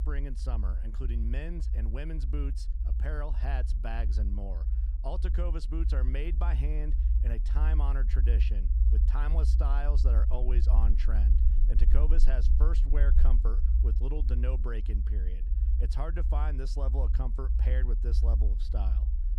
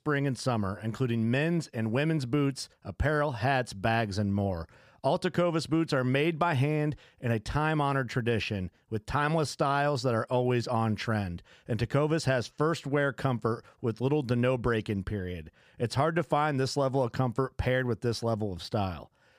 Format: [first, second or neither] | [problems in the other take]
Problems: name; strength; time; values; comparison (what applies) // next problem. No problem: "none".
second | low rumble; loud; throughout; 7 dB below the speech